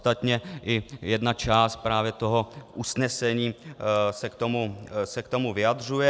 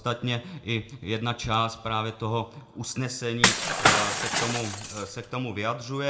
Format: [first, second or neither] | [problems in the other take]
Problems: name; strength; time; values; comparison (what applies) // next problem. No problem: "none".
first | background sound (Shatter / Crushing); 5 dB above the speech // room echo; dies away in 0.4 s